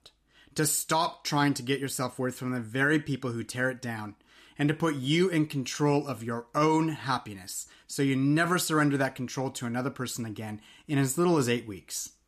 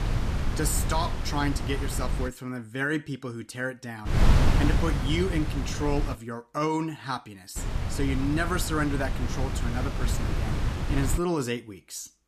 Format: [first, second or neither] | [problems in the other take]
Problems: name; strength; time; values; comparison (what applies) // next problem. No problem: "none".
first | wind noise on the microphone; heavy; until 2.5 s, from 4 to 6 s and from 7.5 to 11 s; 4 dB below the speech